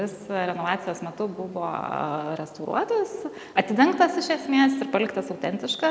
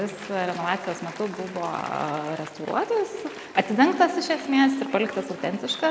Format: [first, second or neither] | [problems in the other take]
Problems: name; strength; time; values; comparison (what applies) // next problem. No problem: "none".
first | background sound (Applause / Cheering); 16 dB below the speech